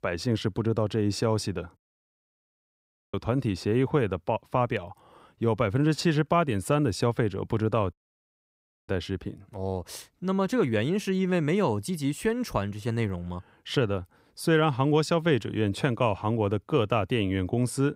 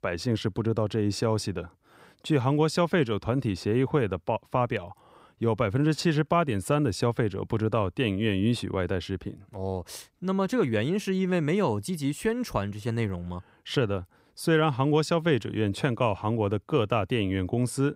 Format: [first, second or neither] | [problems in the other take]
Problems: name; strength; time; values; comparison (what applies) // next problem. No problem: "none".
second | audio cutting out; at 2 s for 1.5 s and at 8 s for 1 s